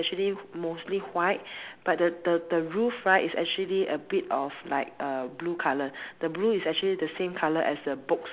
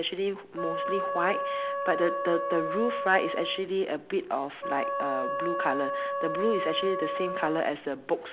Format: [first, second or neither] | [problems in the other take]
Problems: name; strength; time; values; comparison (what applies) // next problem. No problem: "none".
first | background sound (Wind instrument, woodwind instrument); 3 dB below the speech